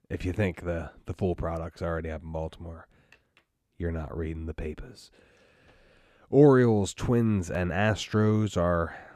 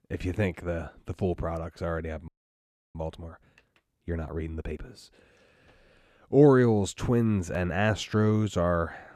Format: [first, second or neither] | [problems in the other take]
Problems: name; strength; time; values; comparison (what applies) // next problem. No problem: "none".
first | audio freezing; at 2.5 s for 0.5 s